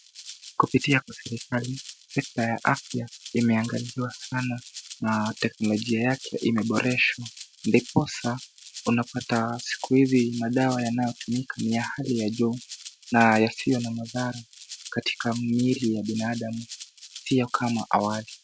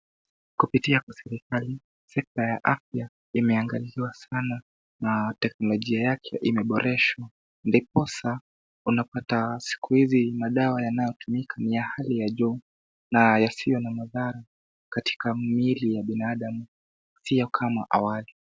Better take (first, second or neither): second